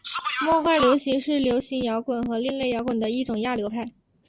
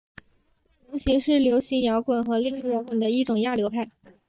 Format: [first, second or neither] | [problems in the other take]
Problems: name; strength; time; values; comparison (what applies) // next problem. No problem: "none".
first | noise reduction (neural mask model DeepFilterNet 3)